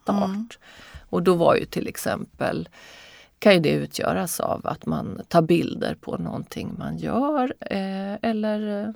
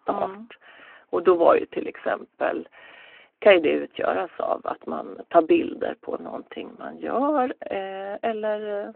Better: first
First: none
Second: phone-call audio

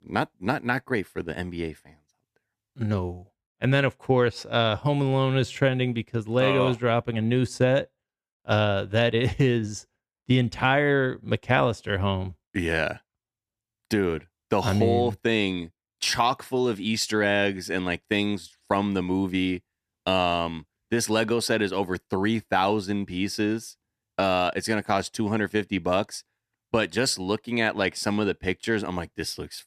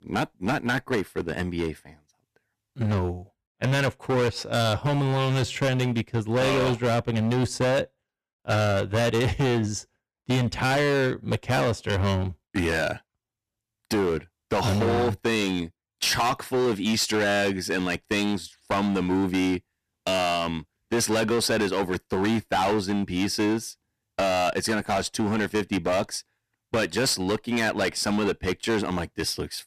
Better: first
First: none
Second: distortion; heavy; 17% of the sound clipped

